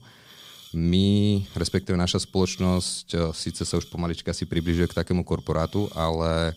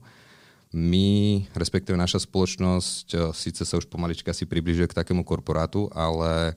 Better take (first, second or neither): second